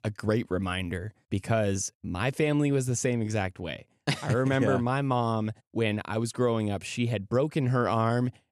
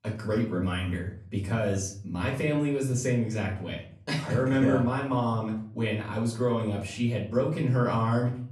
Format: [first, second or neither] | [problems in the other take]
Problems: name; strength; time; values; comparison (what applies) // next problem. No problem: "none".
first | off-mic speech; far // room echo; slight; dies away in 0.5 s